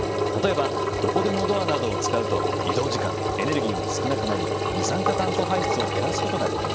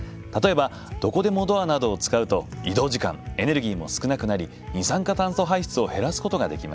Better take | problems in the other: second | background sound (Engine); 3 dB above the speech

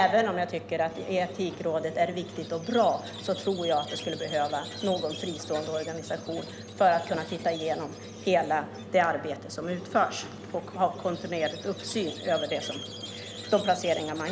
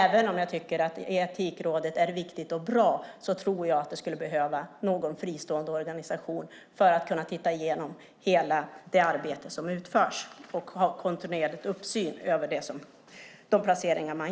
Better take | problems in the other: second | background sound (Squeak); 11 dB below the speech

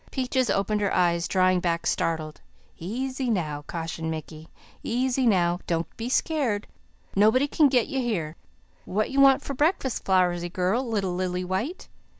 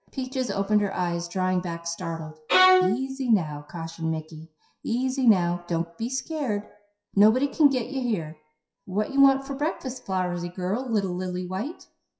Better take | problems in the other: first | noise reduction (classical method WPE with log-MMSE)

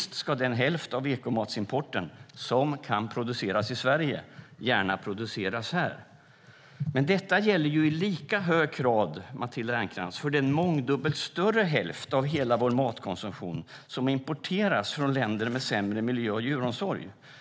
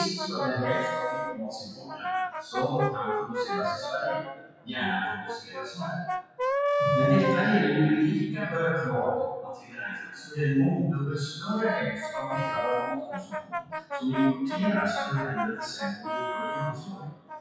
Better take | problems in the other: first | noise reduction (classical method WPE with log-MMSE)

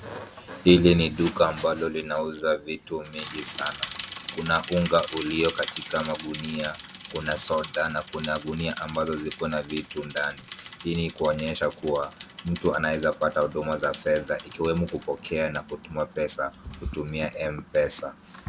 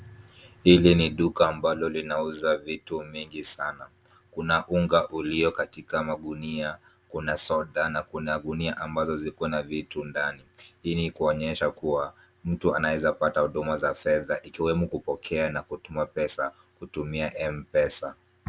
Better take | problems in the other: second | background sound (Bicycle); 14 dB below the speech

